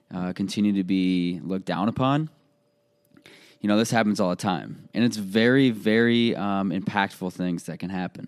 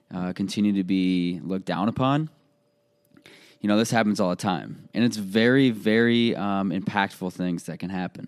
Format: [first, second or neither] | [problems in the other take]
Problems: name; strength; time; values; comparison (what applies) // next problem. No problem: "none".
neither | none